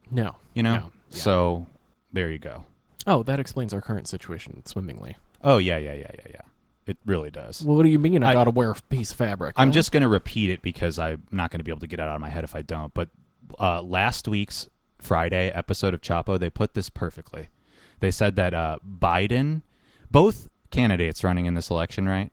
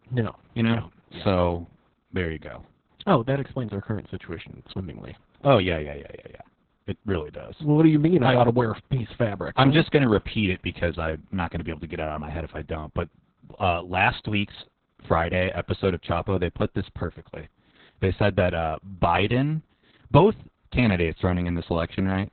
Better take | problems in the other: first | garbled, watery; badly; nothing above 4 kHz; slightly in the first

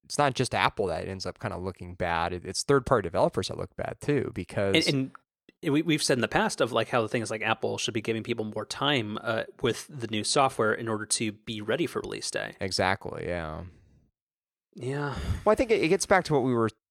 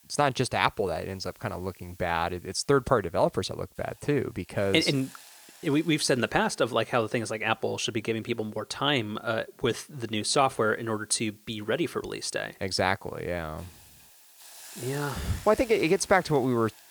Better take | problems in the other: first | hiss; faint; throughout; 20 dB below the speech

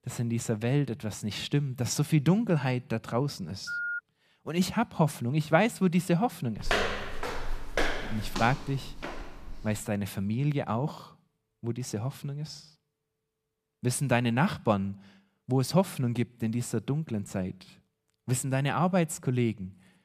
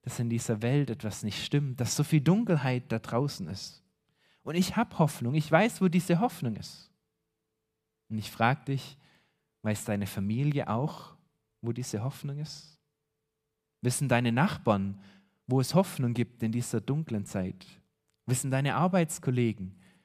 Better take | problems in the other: second | phone ringing; noticeable; at 3.5 s; peak 3 dB below the speech // footsteps; loud; from 6.5 to 9.5 s; peak 1 dB above the speech

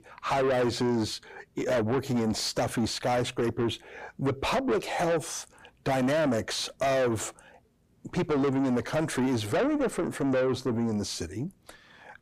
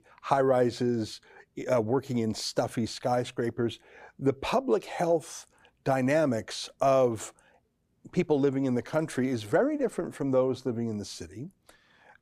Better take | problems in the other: second | distortion; heavy; 6 dB below the speech

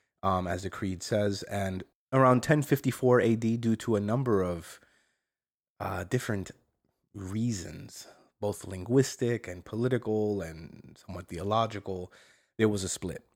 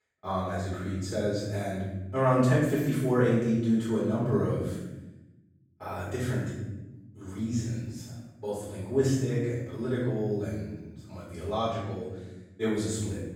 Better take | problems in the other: first | room echo; strong; dies away in 1.2 s // off-mic speech; far

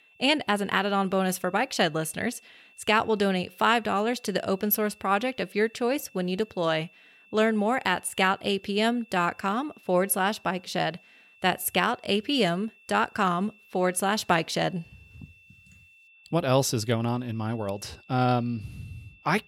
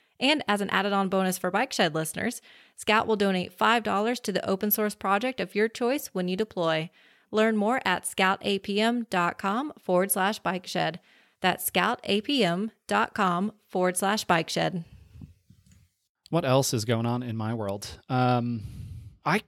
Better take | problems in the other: second | high-pitched whine; faint; throughout; 2.5 kHz, 30 dB below the speech

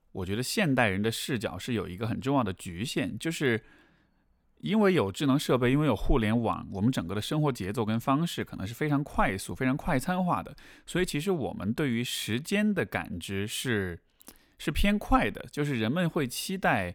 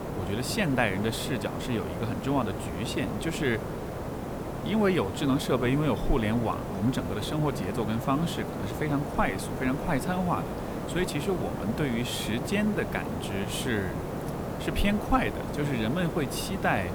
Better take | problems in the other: first | hiss; loud; throughout; 5 dB below the speech

